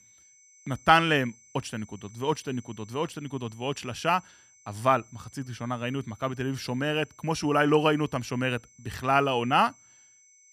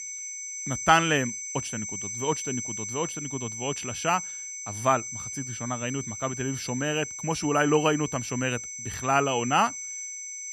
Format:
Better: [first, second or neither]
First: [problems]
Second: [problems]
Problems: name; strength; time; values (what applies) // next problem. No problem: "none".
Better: first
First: high-pitched whine; faint; throughout; 6 kHz, 25 dB below the speech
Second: high-pitched whine; loud; throughout; 6 kHz, 6 dB below the speech